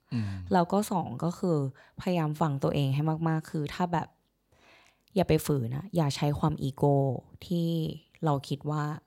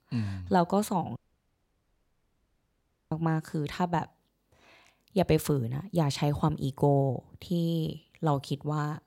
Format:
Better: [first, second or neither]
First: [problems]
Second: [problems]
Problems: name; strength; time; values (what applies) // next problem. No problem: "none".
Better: first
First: none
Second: audio cutting out; at 1 s for 2 s